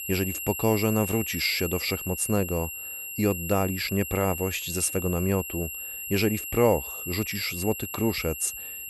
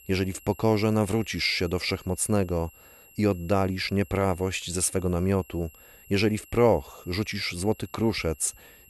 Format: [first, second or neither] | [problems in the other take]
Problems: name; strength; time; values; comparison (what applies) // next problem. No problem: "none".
second | high-pitched whine; loud; throughout; 3 kHz, 6 dB below the speech; faint in the second